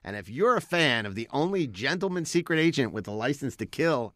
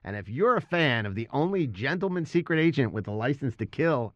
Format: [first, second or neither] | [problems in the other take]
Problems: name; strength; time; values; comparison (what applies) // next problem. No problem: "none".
first | muffled; slightly; fading above 2.5 kHz